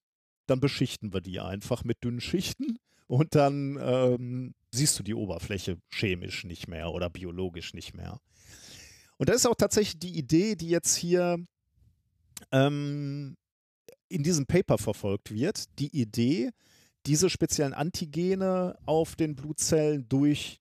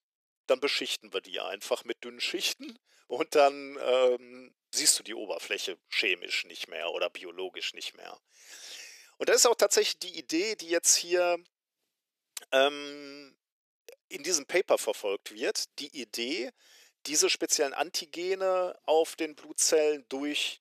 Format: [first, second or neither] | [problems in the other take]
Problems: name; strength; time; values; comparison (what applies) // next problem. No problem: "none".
first | thin; very; fading below 400 Hz